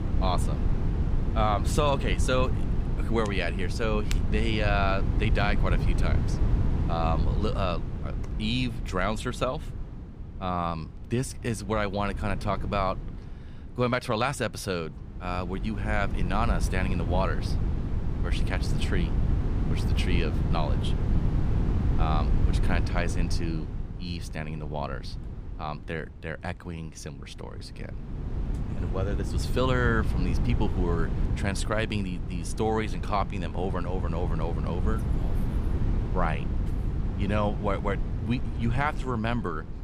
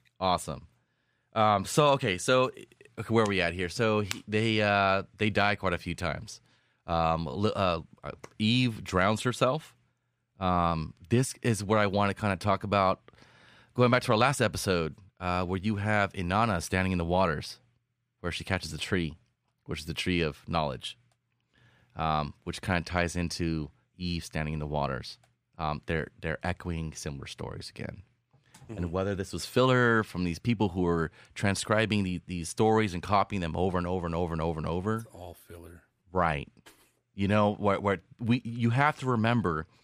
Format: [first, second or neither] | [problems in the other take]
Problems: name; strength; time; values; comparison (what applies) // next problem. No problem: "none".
second | wind noise on the microphone; occasional gusts; 10 dB below the speech